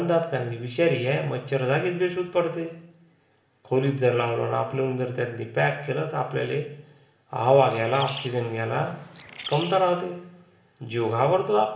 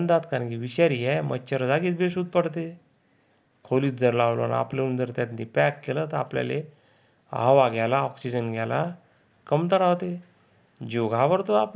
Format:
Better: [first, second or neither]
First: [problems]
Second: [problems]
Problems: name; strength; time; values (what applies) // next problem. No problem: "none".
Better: second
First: background sound (Bird); 14 dB below the speech // room echo; dies away in 0.7 s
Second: none